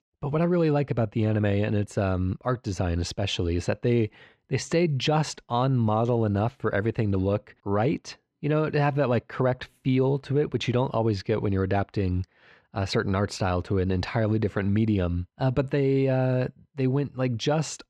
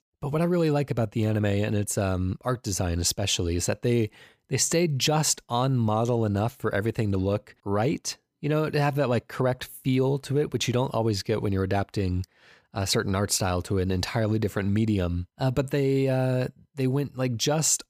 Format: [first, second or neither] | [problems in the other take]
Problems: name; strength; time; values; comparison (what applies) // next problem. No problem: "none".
second | muffled; slightly; fading above 3 kHz